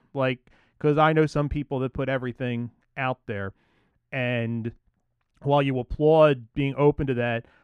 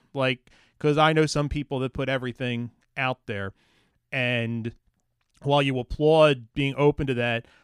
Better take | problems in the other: second | muffled; slightly; fading above 3 kHz

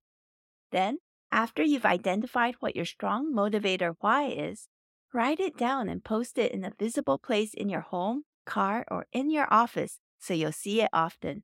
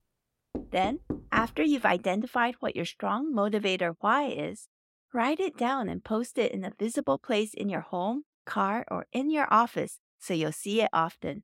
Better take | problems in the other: first | door banging; noticeable; at 0.5 s; peak 7 dB below the speech

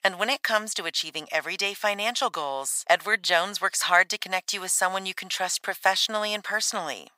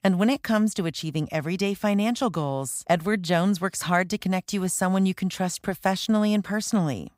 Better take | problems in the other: second | thin; very; fading below 800 Hz

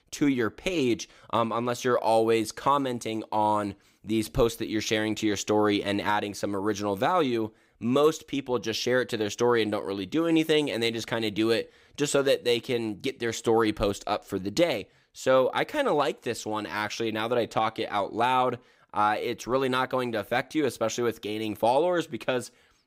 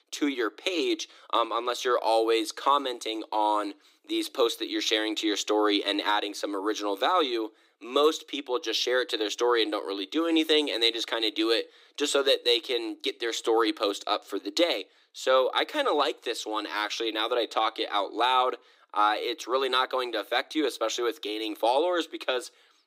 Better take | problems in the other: first | thin; somewhat; fading below 300 Hz

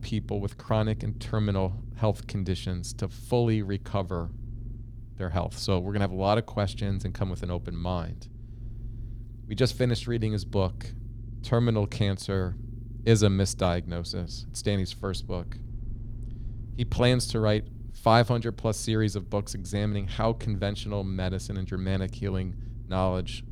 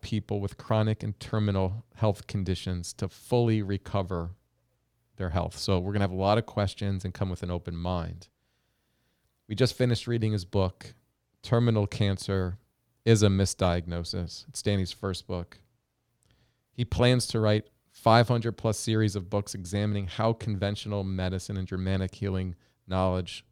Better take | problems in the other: second | low rumble; faint; throughout; 25 dB below the speech

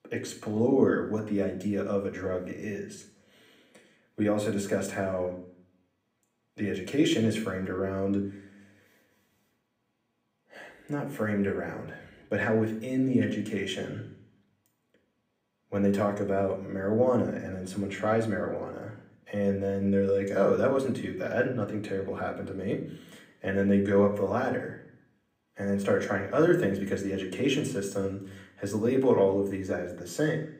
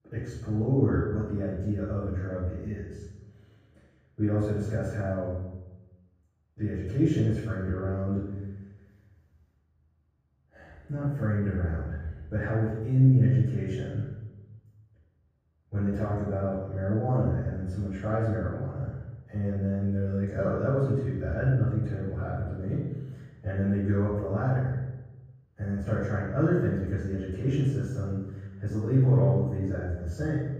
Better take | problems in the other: first | room echo; strong; dies away in 1.3 s; slight in the first // off-mic speech; far; somewhat distant in the first

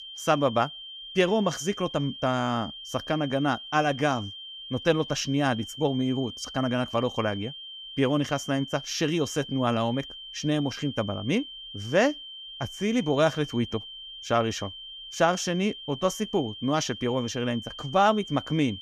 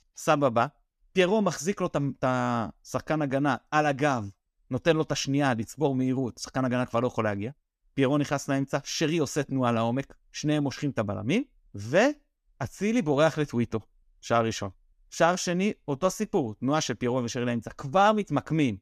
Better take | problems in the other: second | high-pitched whine; noticeable; throughout; 3 kHz, 10 dB below the speech

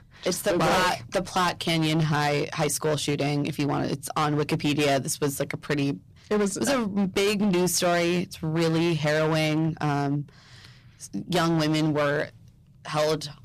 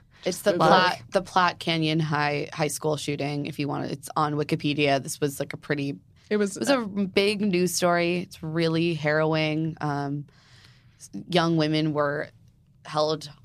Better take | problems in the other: second | distortion; heavy; 16% of the sound clipped

